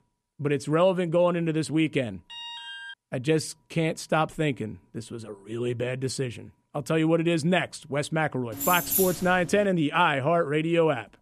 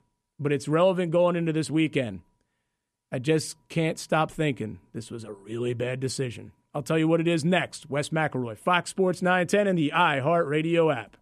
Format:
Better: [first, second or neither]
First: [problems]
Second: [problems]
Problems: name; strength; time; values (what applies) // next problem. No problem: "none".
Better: second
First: alarm; faint; at 2.5 s; peak 10 dB below the speech // jangling keys; loud; at 8.5 s; peak 1 dB above the speech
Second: none